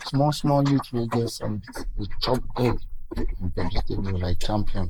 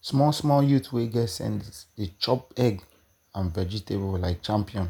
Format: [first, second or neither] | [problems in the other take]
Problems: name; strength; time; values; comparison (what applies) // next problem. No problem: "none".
second | noise reduction (neural mask model Resemble Enhance denoiser)